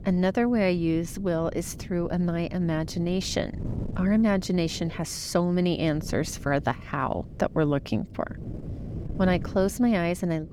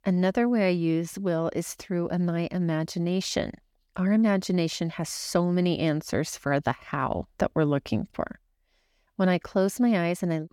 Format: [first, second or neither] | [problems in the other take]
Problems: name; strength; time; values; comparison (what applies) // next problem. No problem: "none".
second | wind noise on the microphone; occasional gusts; 20 dB below the speech